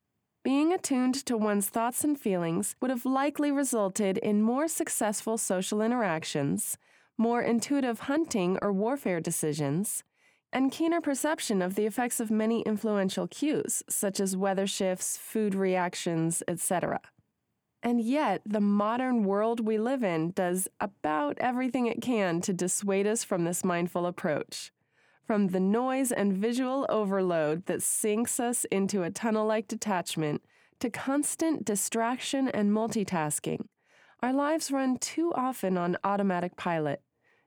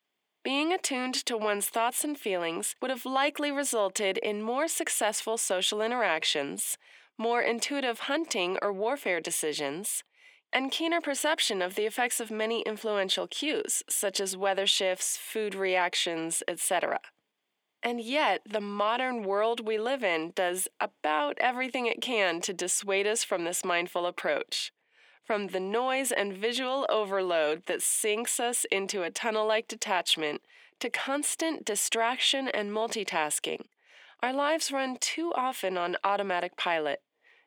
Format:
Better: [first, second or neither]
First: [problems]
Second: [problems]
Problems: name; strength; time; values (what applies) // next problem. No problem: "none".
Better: first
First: none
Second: thin; somewhat; fading below 450 Hz